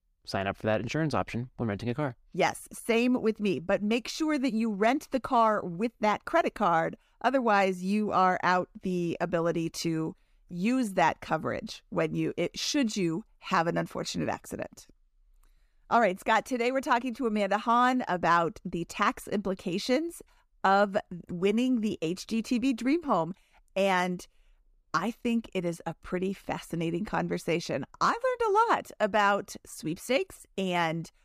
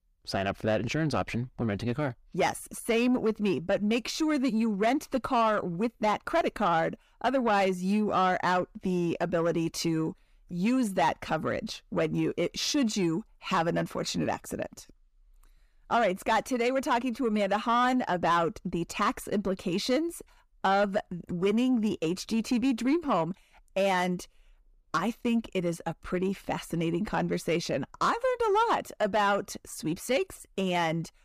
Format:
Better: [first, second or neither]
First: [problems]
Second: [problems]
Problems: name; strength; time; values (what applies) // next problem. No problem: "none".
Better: first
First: none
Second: distortion; slight; 10 dB below the speech